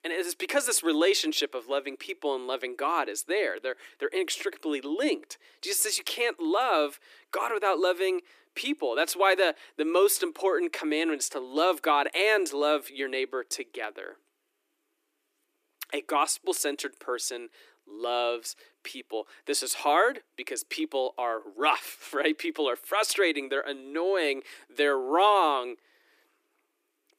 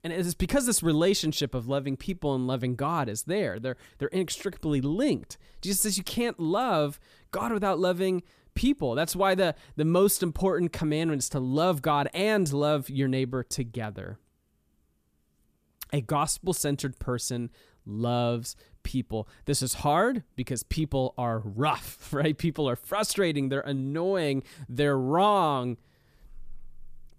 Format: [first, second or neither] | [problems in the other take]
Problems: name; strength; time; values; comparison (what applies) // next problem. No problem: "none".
second | thin; somewhat; fading below 300 Hz